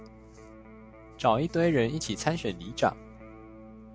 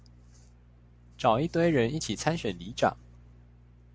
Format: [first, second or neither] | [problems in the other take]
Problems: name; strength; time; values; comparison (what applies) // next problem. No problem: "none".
second | background sound (Electric guitar); 19 dB below the speech